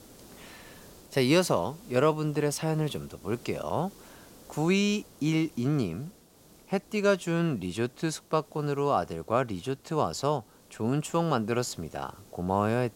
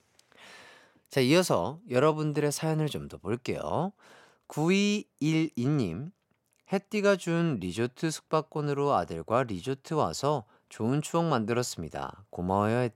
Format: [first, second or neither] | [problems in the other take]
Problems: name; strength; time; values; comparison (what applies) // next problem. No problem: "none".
second | hiss; faint; throughout; 25 dB below the speech